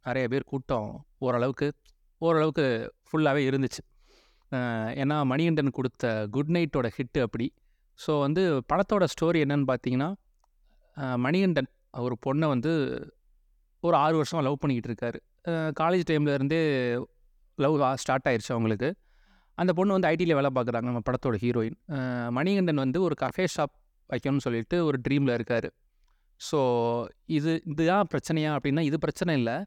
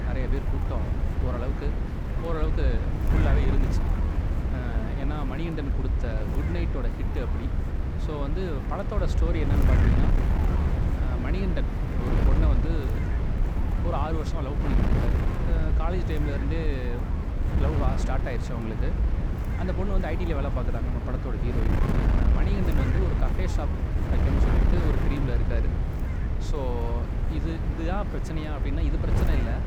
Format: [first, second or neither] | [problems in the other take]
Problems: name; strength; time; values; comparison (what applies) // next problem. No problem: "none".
first | wind noise on the microphone; heavy; 1 dB below the speech